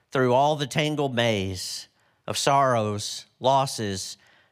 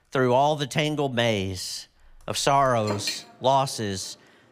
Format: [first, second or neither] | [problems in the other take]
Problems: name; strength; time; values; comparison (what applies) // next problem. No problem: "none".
first | household noises; loud; throughout; 9 dB below the speech